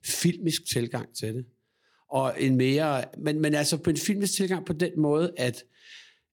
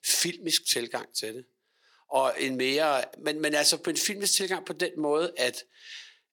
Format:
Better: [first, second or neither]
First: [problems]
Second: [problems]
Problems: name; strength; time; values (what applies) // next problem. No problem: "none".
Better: first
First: none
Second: thin; somewhat; fading below 500 Hz